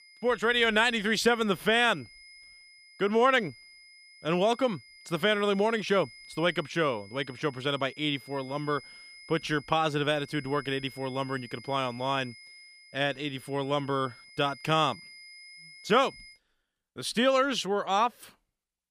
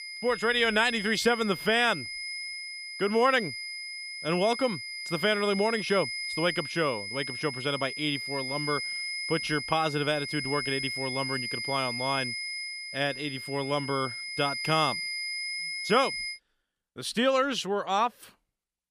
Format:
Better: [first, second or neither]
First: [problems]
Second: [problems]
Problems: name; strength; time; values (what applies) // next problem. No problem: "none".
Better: first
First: high-pitched whine; faint; until 16 s; 2 kHz, 20 dB below the speech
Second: high-pitched whine; loud; until 16 s; 2 kHz, 5 dB below the speech